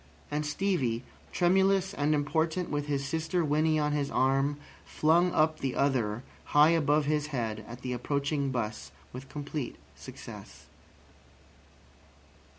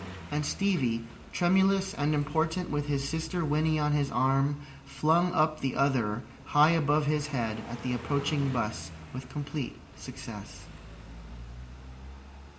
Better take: first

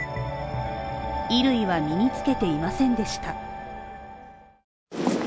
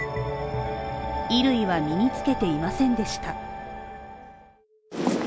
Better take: first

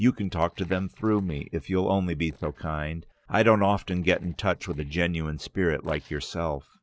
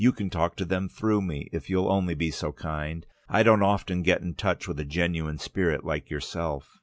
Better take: second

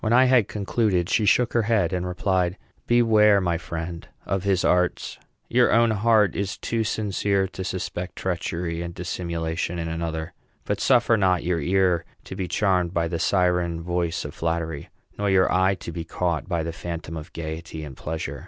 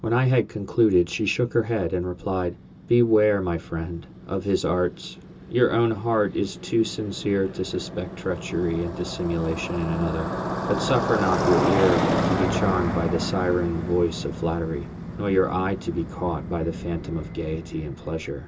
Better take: first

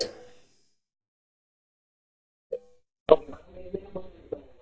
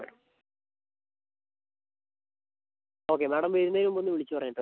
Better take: second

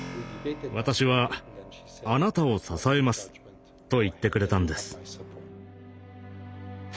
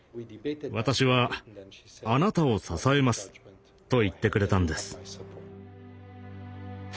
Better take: second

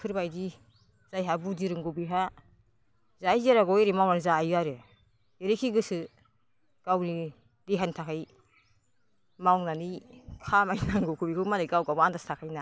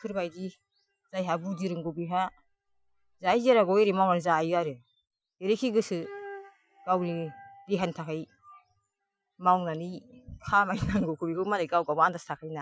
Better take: first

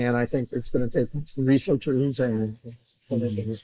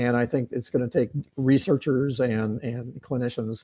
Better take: second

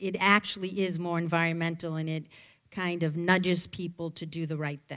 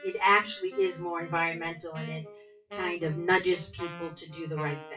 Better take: first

